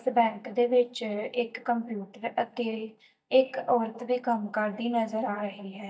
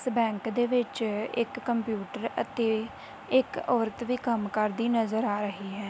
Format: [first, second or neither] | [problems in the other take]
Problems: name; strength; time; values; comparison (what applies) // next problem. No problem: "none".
second | noise reduction (neural mask model DeepFilterNet 3)